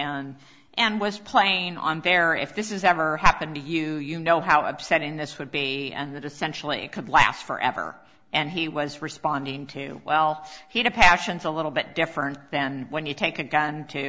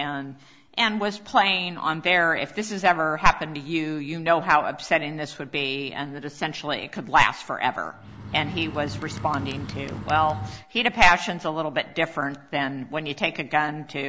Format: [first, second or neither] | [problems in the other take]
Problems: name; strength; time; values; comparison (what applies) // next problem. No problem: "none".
first | background sound (Bird); 10 dB below the speech